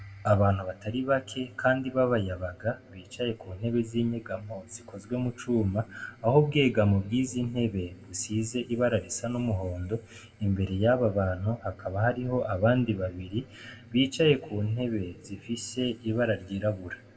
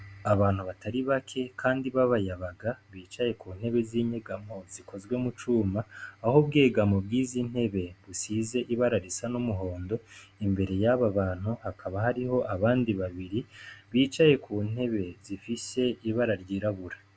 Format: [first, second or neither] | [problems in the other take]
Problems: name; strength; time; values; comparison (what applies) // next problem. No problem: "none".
second | room echo; dies away in 1 s